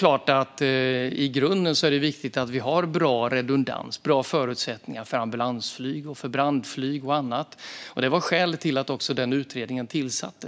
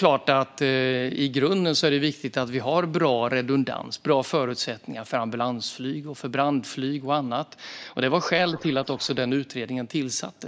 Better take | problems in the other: first | noise reduction (neural mask model Resemble Enhance denoiser)

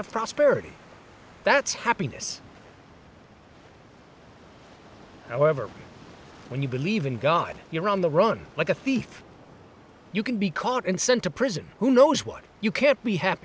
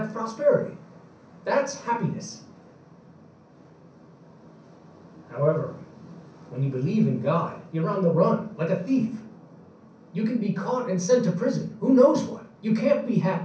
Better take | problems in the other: first | room echo; dies away in 0.6 s

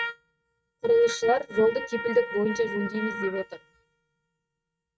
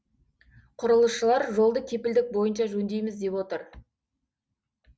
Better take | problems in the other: second | noise reduction (neural mask model RNNoise)

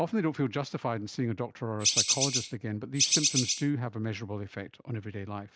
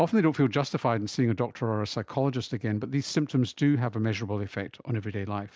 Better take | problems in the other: second | background sound (Bird); 5 dB above the speech

